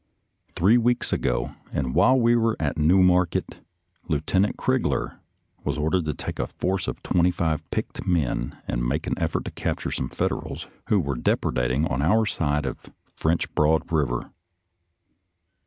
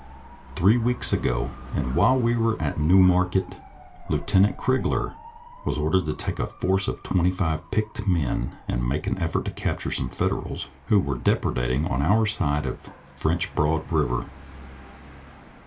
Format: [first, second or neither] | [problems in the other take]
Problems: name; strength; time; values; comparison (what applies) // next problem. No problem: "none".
first | background sound (Motorcycle / Dog); 18 dB below the speech // room echo; dies away in 0.2 s